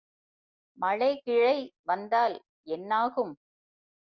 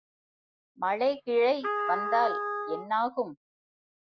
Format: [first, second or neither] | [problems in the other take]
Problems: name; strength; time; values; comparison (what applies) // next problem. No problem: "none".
first | noise reduction (classical method Wiener filter)